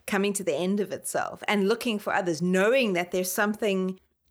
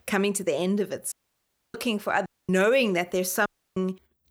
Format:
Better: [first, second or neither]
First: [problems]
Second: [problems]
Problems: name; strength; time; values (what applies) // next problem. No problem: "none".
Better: first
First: none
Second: audio cutting out; at 1 s for 0.5 s, at 2.5 s and at 3.5 s